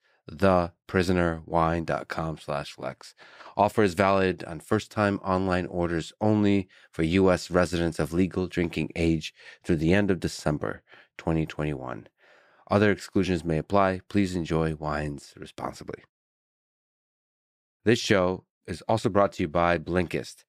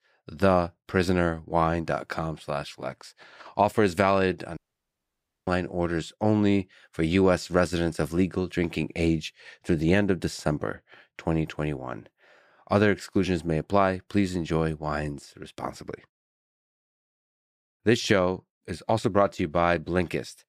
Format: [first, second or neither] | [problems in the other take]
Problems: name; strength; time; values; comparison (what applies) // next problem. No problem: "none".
first | audio cutting out; at 4.5 s for 1 s